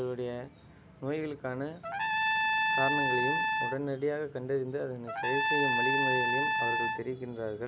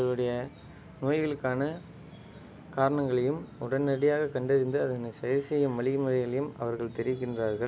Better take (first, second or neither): second